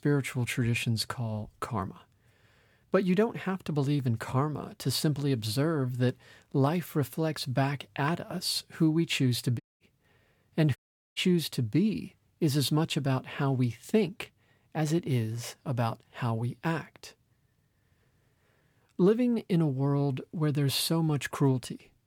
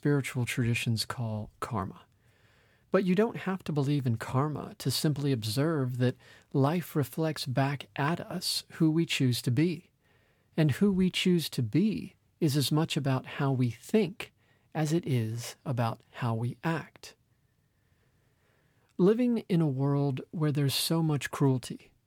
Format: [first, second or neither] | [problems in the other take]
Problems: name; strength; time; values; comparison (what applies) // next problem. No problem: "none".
second | audio cutting out; at 9.5 s and at 11 s